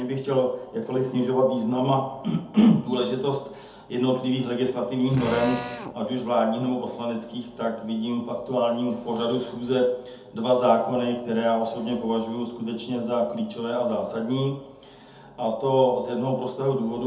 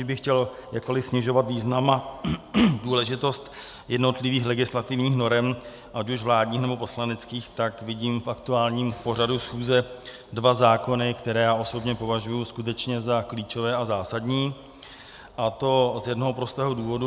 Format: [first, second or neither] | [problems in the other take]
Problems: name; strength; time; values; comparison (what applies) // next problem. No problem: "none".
second | background sound (Drill); 9 dB below the speech // room echo; dies away in 0.6 s